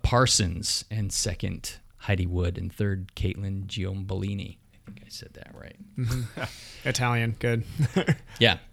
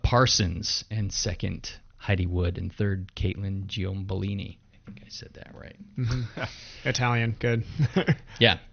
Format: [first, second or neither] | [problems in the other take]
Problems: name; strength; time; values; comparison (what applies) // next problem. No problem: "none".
first | garbled, watery; slightly; nothing above 6.5 kHz